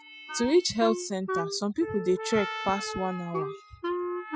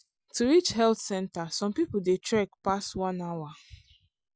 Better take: second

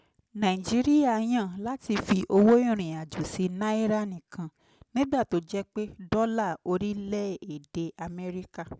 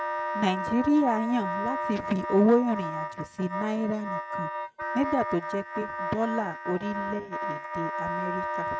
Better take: first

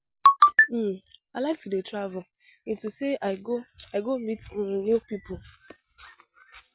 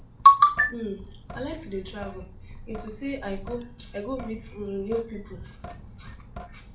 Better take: first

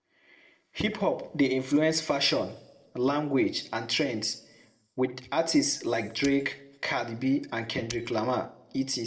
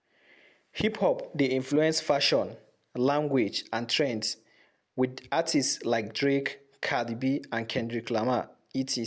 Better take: second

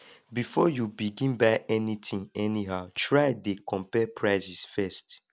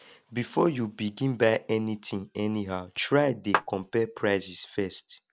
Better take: first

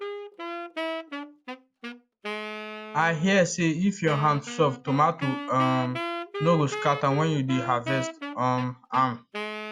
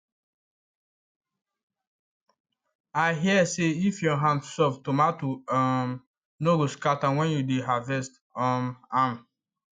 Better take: second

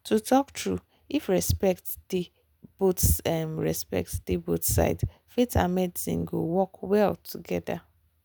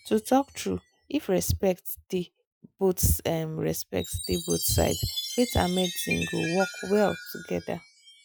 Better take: first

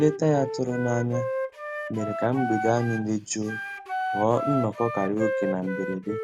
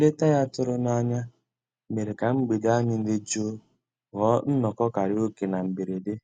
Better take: second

